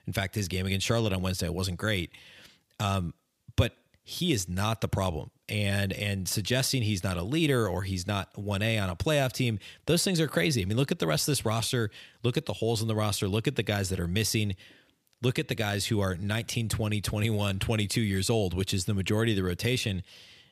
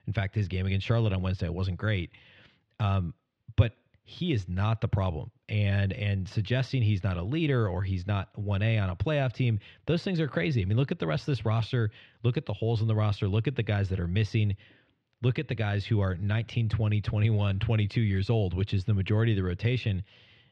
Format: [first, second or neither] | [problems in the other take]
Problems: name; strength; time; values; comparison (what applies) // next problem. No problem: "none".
first | muffled; slightly; fading above 3 kHz